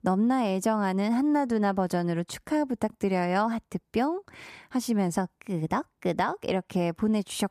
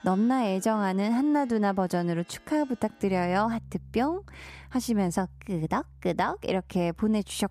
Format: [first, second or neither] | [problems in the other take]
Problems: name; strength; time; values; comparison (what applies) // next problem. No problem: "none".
first | background music; faint; throughout; 25 dB below the speech